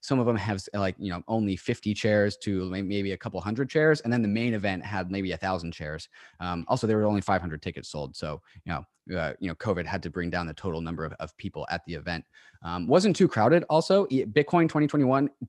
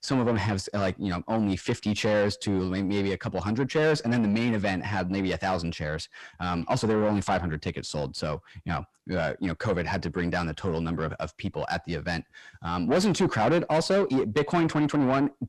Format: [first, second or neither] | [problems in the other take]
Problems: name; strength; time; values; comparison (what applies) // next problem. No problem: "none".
first | distortion; heavy; 8 dB below the speech